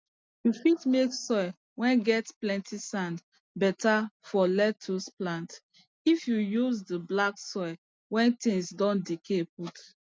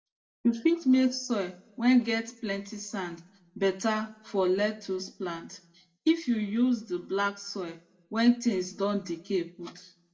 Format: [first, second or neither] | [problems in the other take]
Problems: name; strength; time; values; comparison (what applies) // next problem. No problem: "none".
first | room echo; dies away in 0.4 s